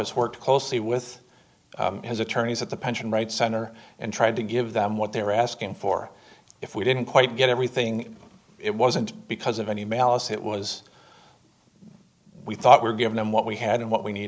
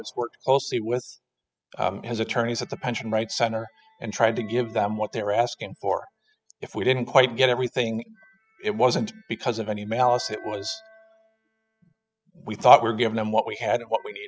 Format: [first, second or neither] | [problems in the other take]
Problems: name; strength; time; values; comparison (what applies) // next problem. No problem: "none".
first | noise reduction (classical method spectral subtraction)